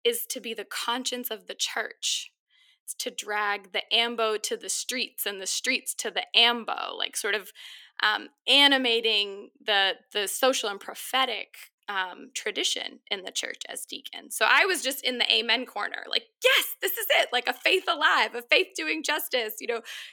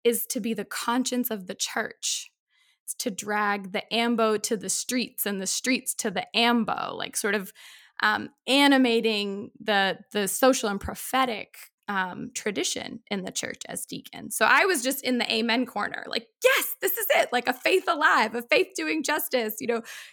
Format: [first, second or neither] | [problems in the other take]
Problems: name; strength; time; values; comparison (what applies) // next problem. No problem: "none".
second | thin; somewhat; fading below 300 Hz